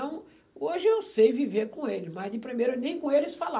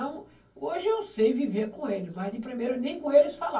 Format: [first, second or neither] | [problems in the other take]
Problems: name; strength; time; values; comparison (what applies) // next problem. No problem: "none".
first | room echo; dies away in 0.1 s